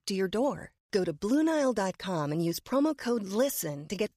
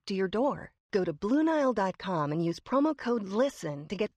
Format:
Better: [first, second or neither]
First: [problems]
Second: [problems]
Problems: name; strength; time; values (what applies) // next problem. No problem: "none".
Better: first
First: none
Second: muffled; slightly; fading above 4 kHz